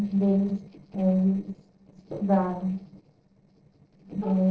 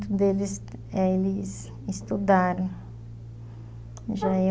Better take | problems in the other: second | noise reduction (neural separator model SepFormer DNS4)

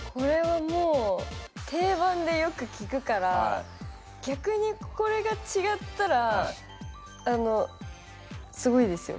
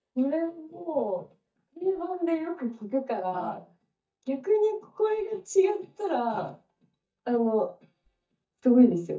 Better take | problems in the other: first | noise reduction (neural mask model DeepFilterNet 3)

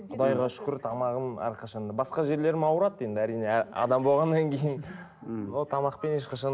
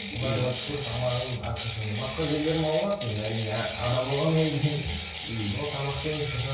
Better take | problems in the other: first | background sound (Ratchet, pawl); 8 dB below the speech // room echo; dies away in 0.6 s

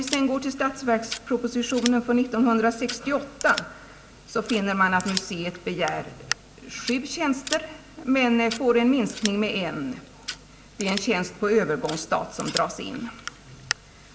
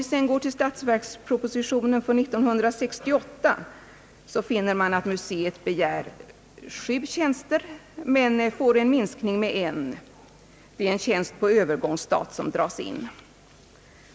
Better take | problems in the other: second | background sound (Scissors); 13 dB below the speech // room echo; dies away in 0.9 s

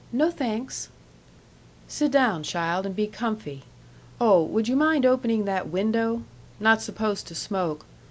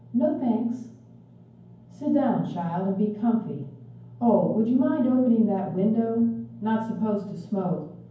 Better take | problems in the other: first | room echo; dies away in 0.9 s

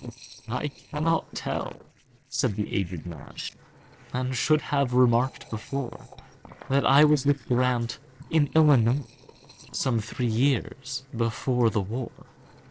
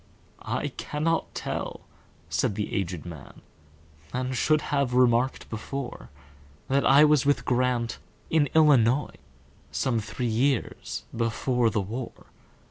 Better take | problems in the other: second | noise reduction (neural separator model SepFormer DNS4)

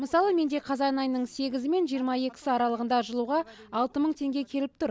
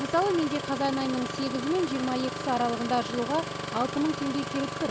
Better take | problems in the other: first | background sound (Engine starting); 6 dB below the speech

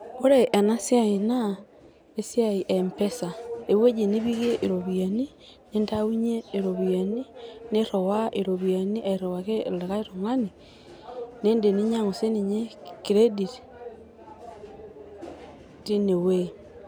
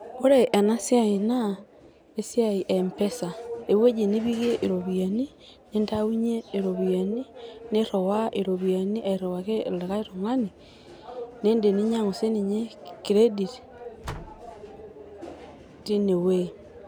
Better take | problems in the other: first | background sound (Slam); 19 dB below the speech

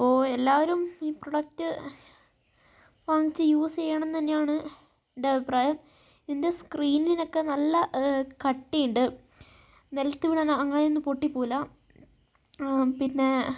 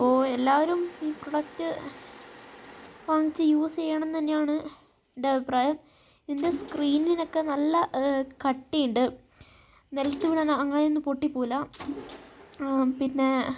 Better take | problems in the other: first | background sound (Mechanisms); 18 dB below the speech

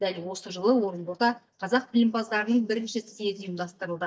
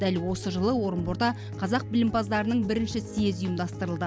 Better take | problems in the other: second | noise reduction (neural mask model DeepFilterNet 3)

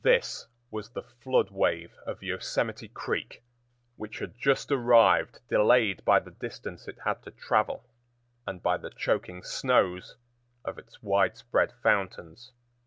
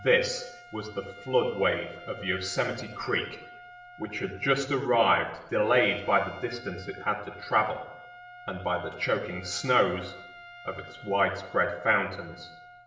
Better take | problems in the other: first | background sound (Trumpet); 18 dB below the speech // room echo; dies away in 0.8 s

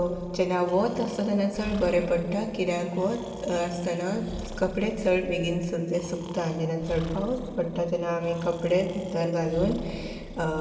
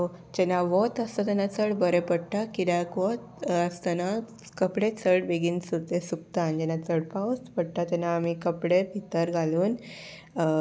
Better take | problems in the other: second | background sound (Breathing); 15 dB below the speech // room echo; dies away in 2.7 s

